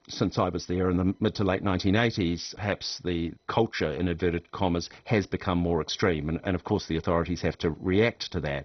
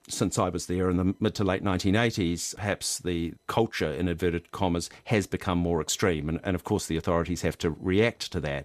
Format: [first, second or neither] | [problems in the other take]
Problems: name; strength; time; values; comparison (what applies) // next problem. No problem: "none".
second | garbled, watery; badly; nothing above 6 kHz